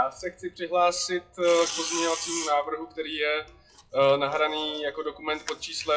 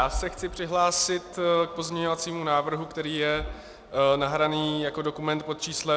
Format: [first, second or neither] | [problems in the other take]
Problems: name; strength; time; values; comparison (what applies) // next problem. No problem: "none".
second | noise reduction (classical method WPE with log-MMSE)